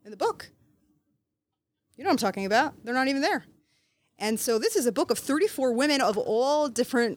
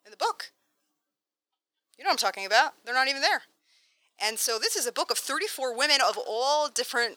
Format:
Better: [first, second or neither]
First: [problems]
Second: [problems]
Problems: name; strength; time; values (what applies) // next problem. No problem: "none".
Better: first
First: none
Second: thin; very; fading below 850 Hz